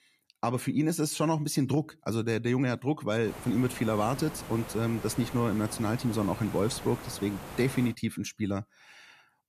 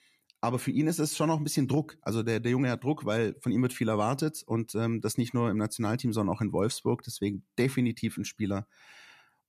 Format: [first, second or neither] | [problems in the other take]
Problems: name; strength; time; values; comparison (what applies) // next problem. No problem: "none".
second | hiss; noticeable; from 3.5 to 8 s; 15 dB below the speech